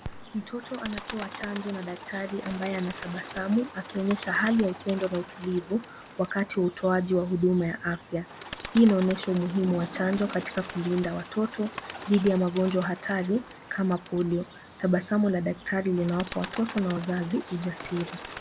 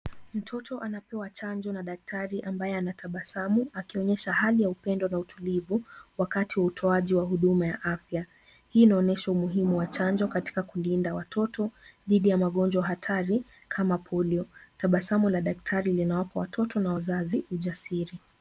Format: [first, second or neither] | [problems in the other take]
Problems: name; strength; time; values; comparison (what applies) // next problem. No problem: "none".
second | background sound (Bird); 14 dB below the speech